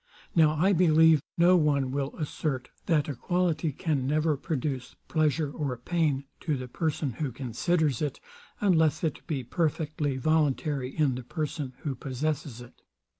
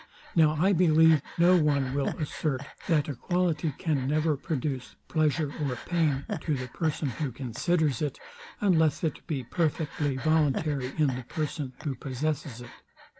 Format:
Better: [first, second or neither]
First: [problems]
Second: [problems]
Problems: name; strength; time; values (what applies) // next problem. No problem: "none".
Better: first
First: none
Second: background sound (Breathing); 15 dB below the speech